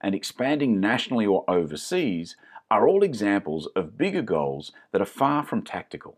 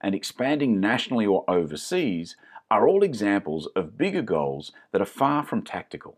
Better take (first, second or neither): neither